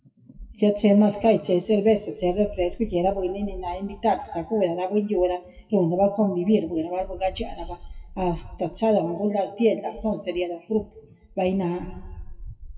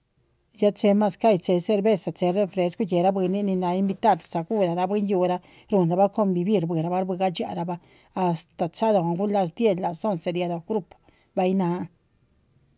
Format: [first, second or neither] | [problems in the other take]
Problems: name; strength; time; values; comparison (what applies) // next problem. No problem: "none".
second | noise reduction (classical method WPE with log-MMSE)